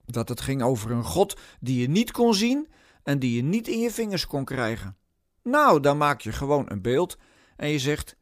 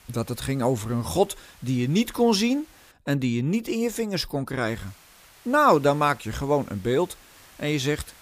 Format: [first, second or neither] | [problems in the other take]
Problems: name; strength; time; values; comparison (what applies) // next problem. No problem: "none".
first | hiss; faint; until 3 s and from 4.5 s on; 25 dB below the speech